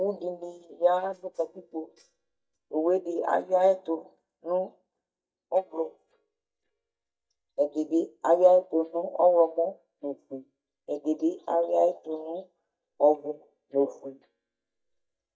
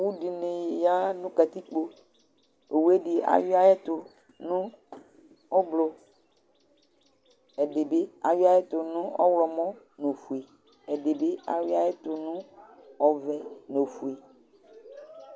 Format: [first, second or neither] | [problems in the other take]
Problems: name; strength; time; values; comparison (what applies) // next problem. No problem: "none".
second | noise reduction (neural mask model DeepFilterNet 3)